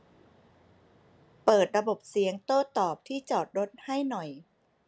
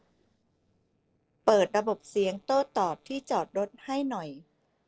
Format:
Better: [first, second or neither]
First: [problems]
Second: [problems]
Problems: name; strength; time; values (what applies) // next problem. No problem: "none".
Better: first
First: none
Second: noise reduction (neural separator model SepFormer DNS4)